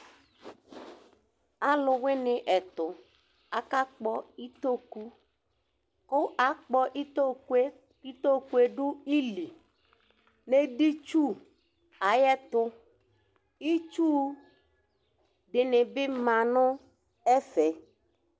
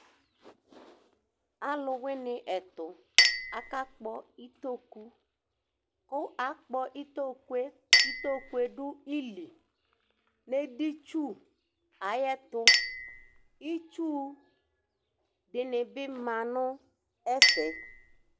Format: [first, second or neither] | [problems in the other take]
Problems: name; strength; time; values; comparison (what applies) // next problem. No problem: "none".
first | background sound (Chink, clink); 3 dB above the speech